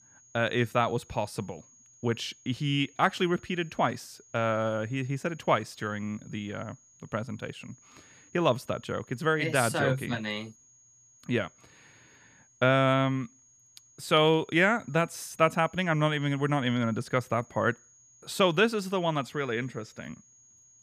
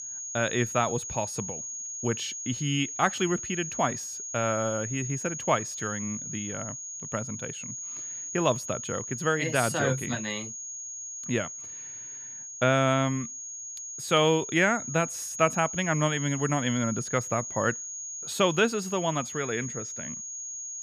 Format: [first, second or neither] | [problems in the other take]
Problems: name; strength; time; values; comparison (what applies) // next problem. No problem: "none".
first | high-pitched whine; loud; throughout; 6.5 kHz, 7 dB below the speech; faint in the first